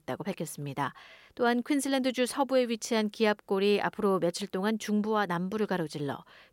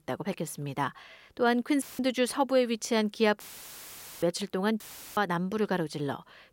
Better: first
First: none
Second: audio cutting out; filled with static; at 2 s, at 3.5 s for 1 s and at 5 s

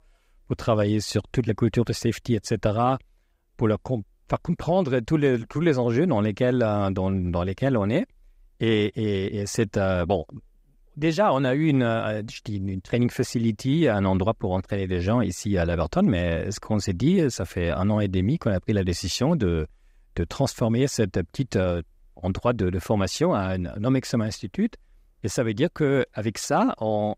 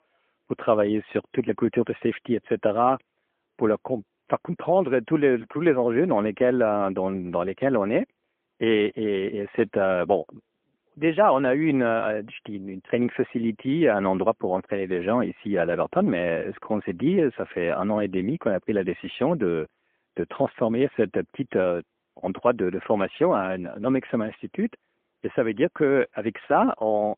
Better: first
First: none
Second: phone-call audio; poor line; nothing above 3 kHz

